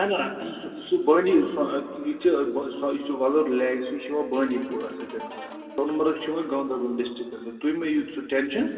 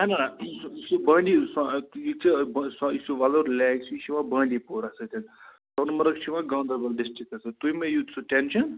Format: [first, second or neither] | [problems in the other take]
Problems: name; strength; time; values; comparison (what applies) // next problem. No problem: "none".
second | background sound (Guitar); 18 dB below the speech // room echo; dies away in 2.8 s